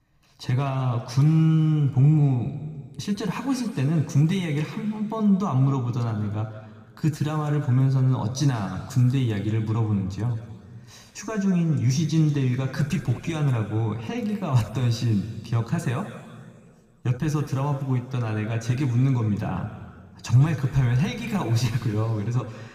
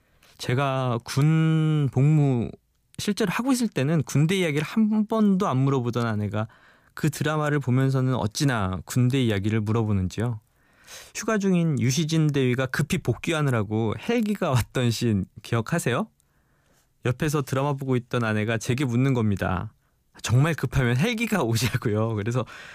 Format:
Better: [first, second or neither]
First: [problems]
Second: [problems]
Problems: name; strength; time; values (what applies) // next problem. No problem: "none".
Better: second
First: room echo; slight; dies away in 2 s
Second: none